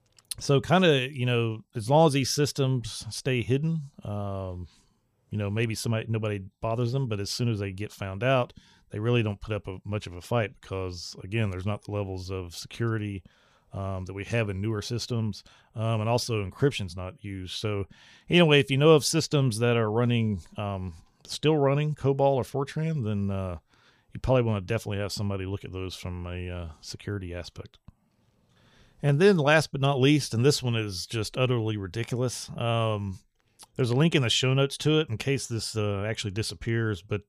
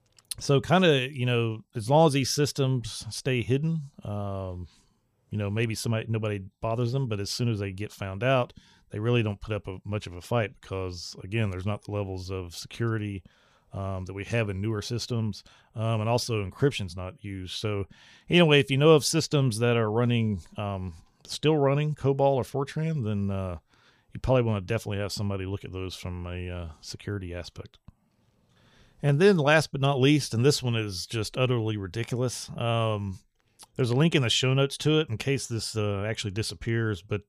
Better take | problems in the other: neither | none

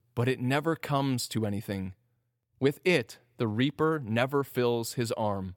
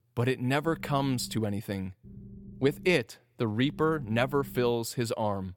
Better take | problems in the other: first | low rumble; faint; at 0.5 s, at 2 s and from 3.5 to 4.5 s; 25 dB below the speech

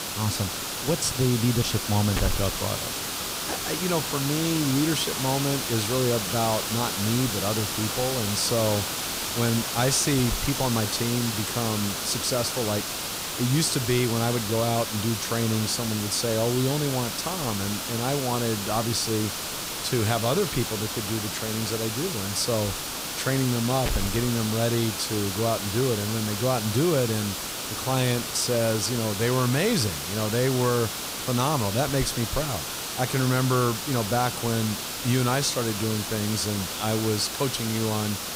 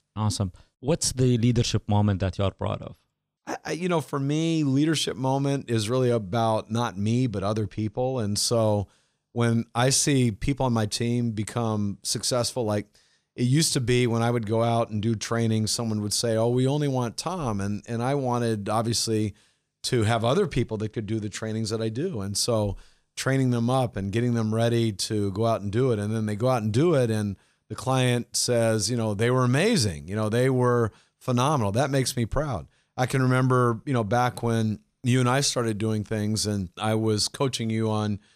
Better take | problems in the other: second | hiss; loud; throughout; 2 dB below the speech

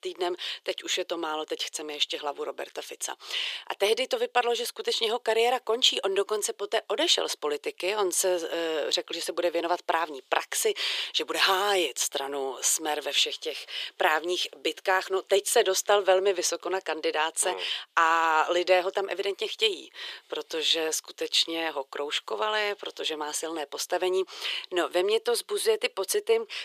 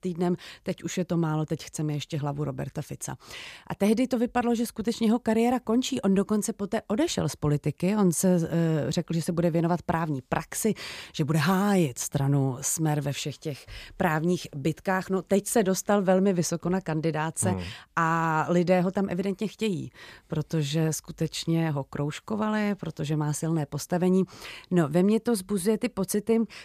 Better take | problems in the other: second | thin; very; fading below 400 Hz

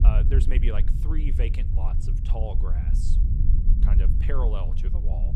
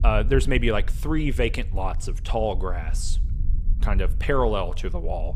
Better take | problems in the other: second | low rumble; loud; throughout; 4 dB below the speech; faint in the second

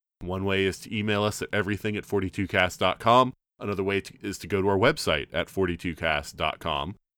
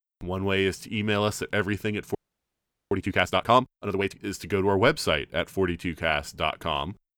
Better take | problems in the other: first | audio freezing; at 2 s for 1 s

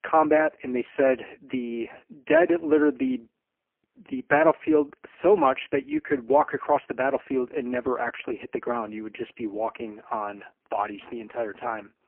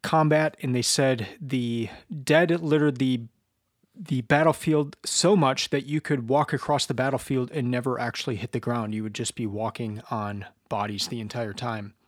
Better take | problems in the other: second | phone-call audio; poor line; nothing above 3 kHz

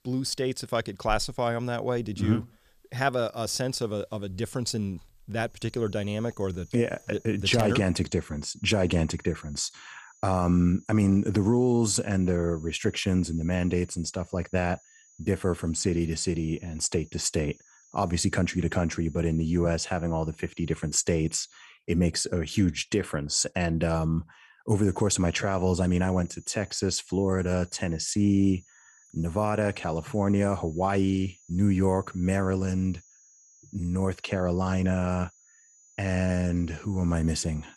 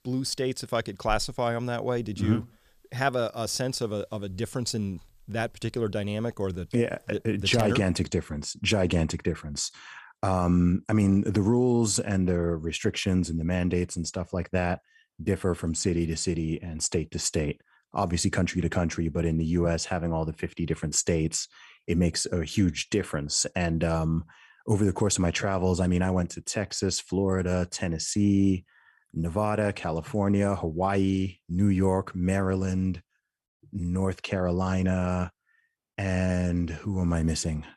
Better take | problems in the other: second | high-pitched whine; faint; from 5.5 to 22 s and from 25 s on; 7 kHz, 30 dB below the speech

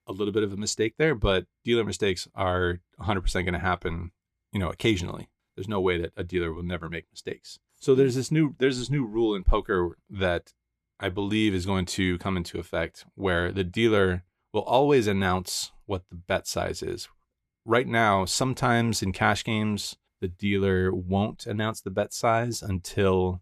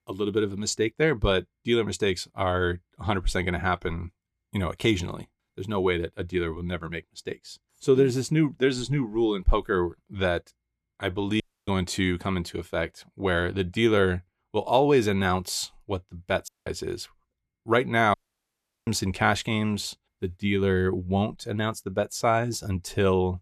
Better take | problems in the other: first | audio cutting out; at 11 s, at 16 s and at 18 s for 0.5 s

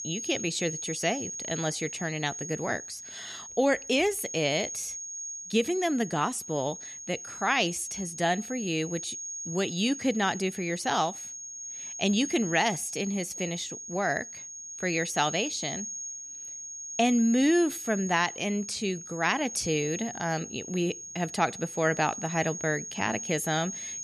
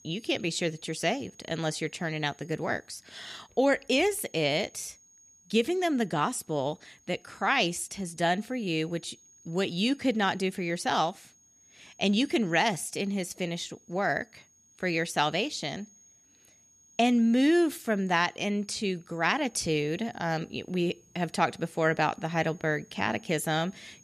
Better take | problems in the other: second | high-pitched whine; loud; throughout; 6.5 kHz, 8 dB below the speech; faint in the second

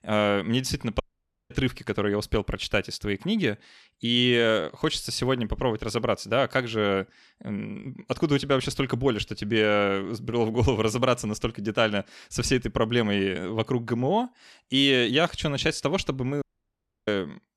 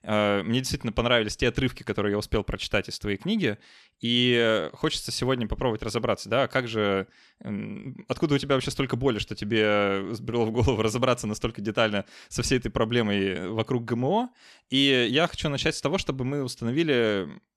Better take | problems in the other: second | audio cutting out; at 1 s for 0.5 s and at 16 s for 0.5 s

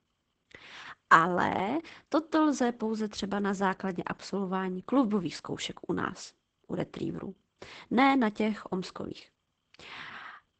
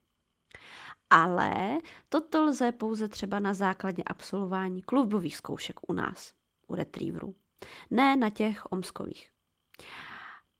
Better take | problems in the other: second | garbled, watery; badly; nothing above 8 kHz; slightly in the second

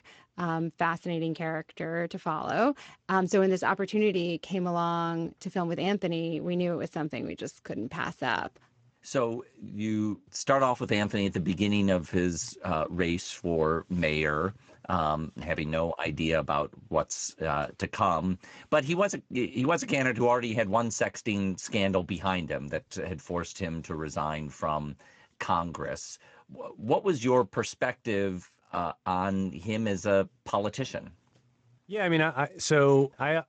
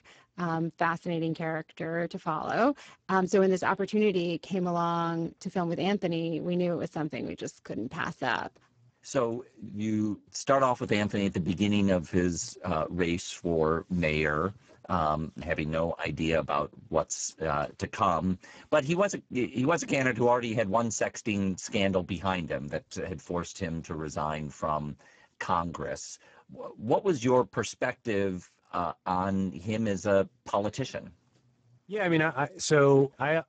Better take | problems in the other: first | garbled, watery; badly; nothing above 7.5 kHz; slightly in the first

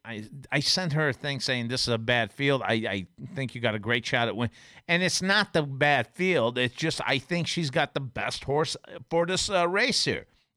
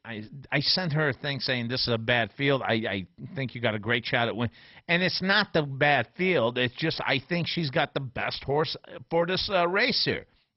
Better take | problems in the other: first | garbled, watery; badly; nothing above 5.5 kHz

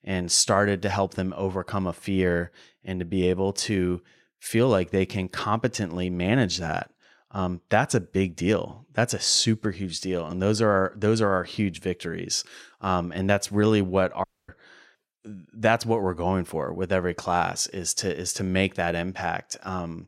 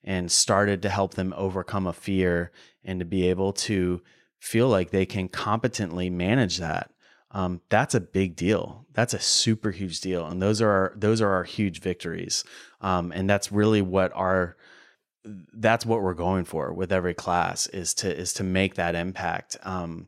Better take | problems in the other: second | audio cutting out; at 14 s

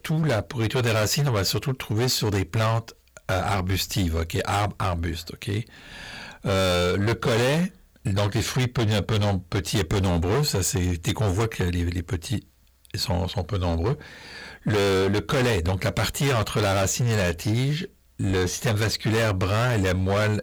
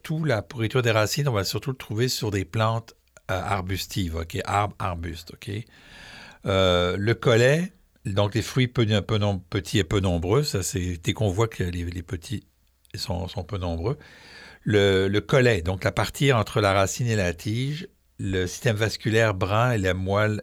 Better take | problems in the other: second | distortion; heavy; 21% of the sound clipped

